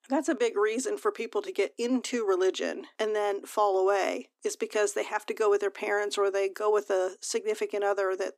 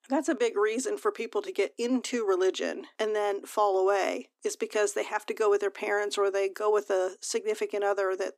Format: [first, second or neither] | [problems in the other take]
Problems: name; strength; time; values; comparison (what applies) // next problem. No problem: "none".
neither | thin; somewhat; fading below 250 Hz; the same in both